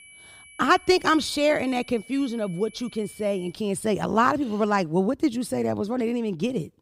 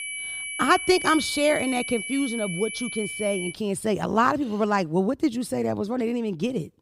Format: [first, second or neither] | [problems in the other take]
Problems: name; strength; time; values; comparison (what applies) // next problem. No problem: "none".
first | high-pitched whine; loud; until 3.5 s; 2.5 kHz, 6 dB below the speech; faint in the first